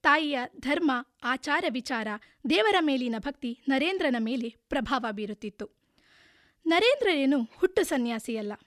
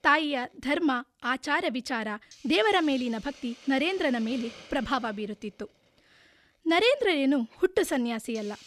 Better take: first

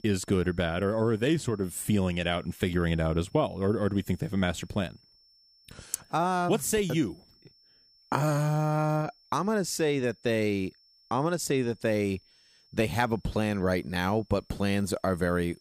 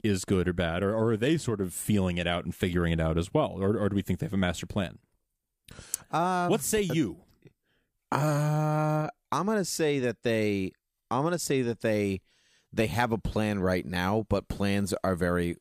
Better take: second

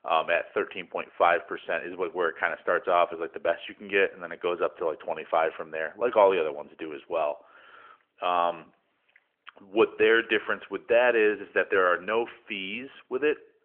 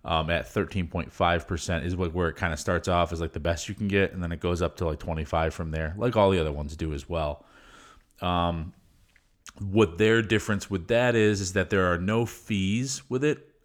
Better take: second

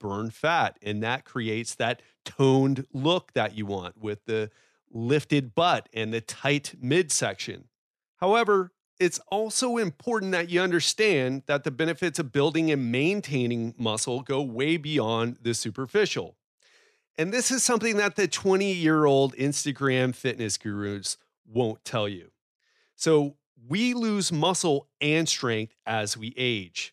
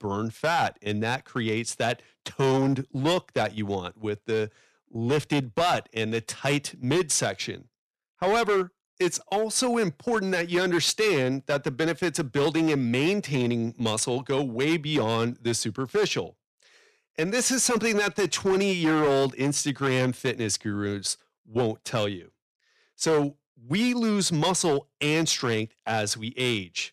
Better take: first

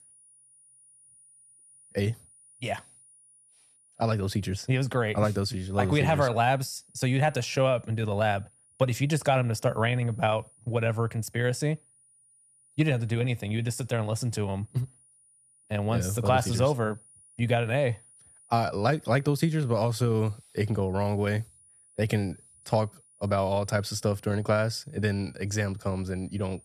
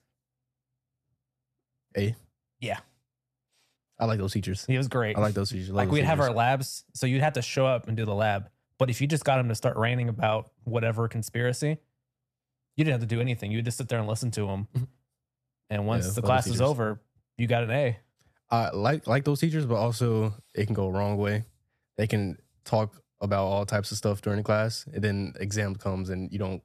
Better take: second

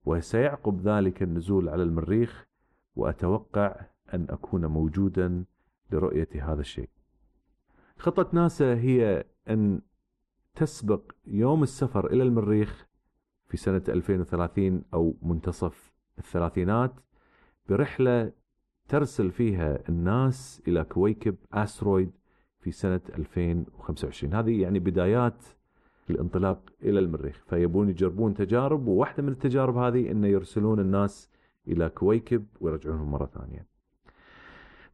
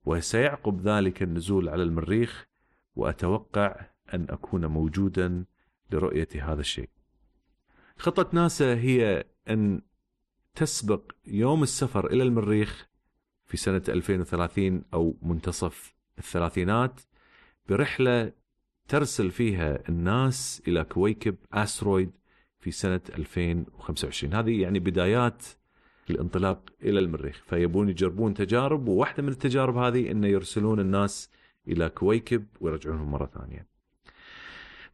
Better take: second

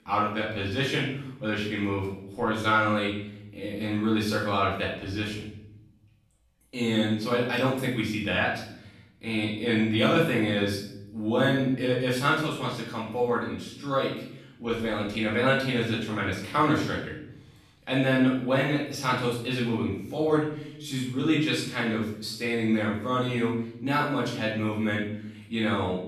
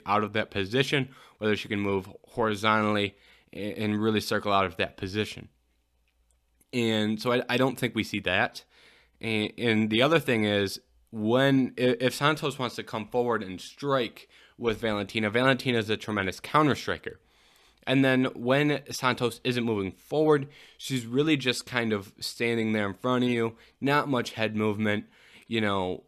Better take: second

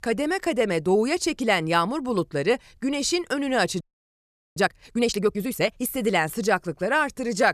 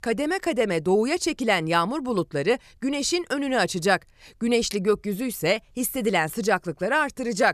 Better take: second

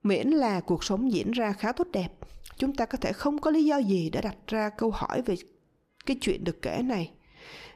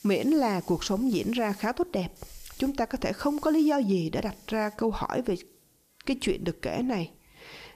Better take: first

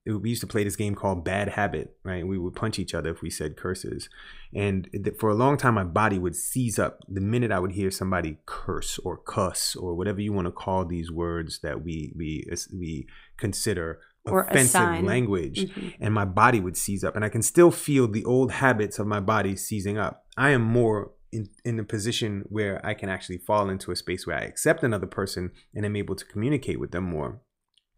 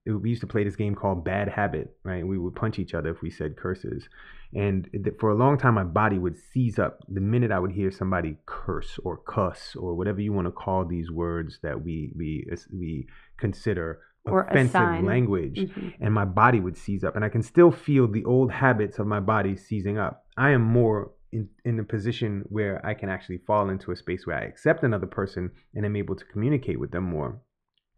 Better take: first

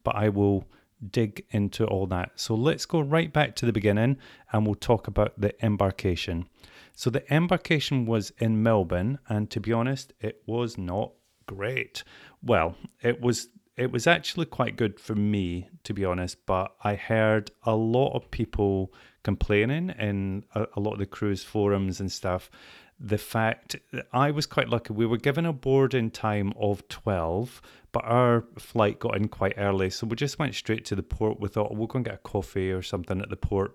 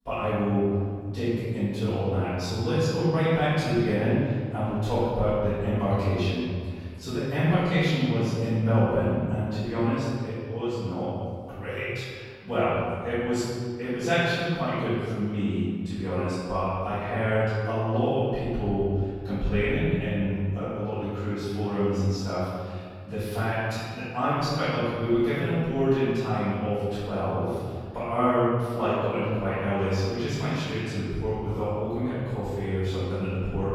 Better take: first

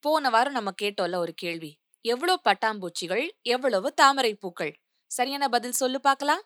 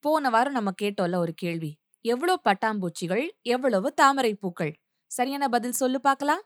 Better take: second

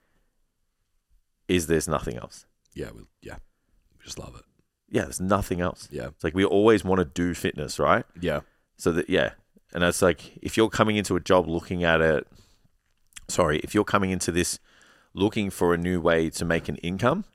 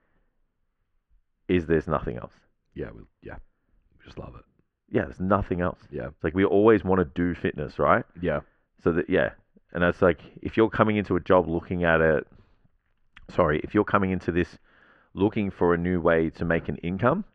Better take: first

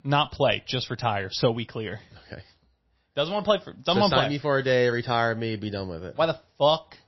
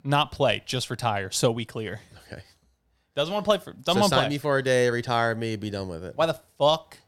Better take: second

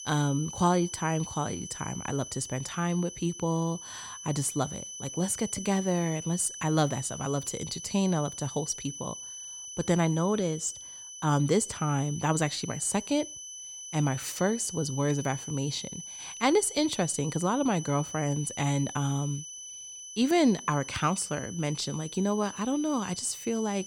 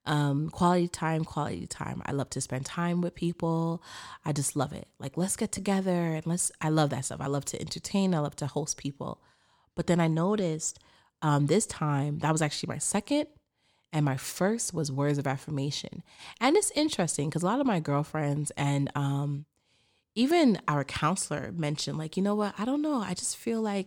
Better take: second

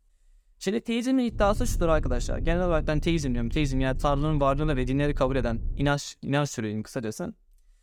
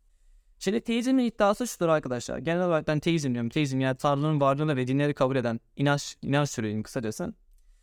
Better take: second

